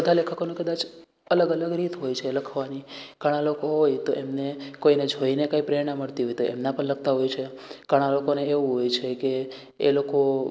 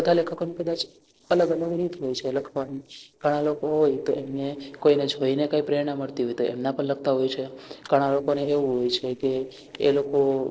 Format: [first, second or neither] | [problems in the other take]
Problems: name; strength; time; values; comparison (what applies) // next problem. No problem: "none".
first | noise reduction (neural separator model SepFormer DNS4)